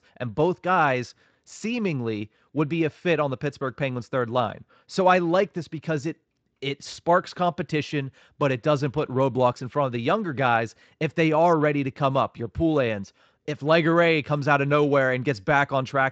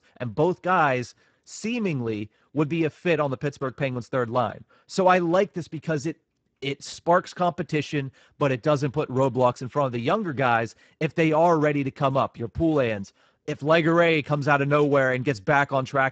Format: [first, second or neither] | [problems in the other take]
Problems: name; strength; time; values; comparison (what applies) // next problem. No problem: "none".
first | garbled, watery; badly; nothing above 7.5 kHz; slightly in the first